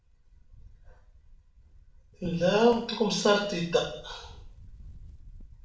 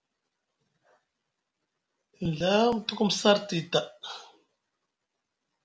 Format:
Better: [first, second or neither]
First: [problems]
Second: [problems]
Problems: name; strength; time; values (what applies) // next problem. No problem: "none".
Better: second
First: background sound (Wind); 20 dB below the speech // room echo; dies away in 0.5 s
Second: none